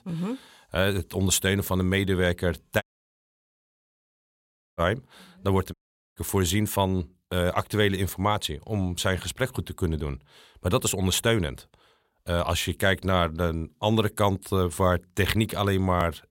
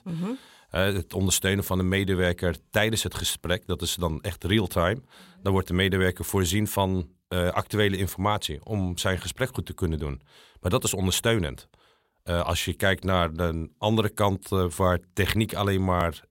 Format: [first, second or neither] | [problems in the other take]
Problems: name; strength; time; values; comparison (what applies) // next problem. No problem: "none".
second | audio cutting out; at 3 s for 2 s and at 5.5 s